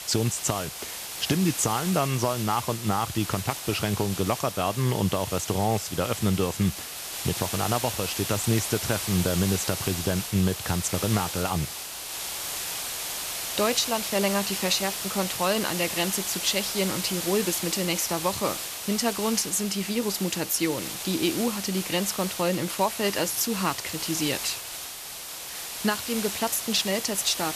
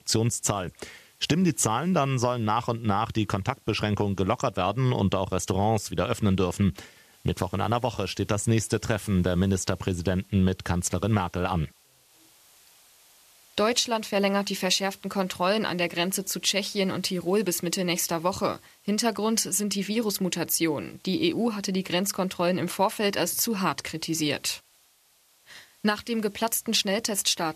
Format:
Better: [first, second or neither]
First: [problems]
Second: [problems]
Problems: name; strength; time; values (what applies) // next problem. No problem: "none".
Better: second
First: hiss; loud; throughout; 4 dB below the speech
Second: hiss; faint; throughout; 30 dB below the speech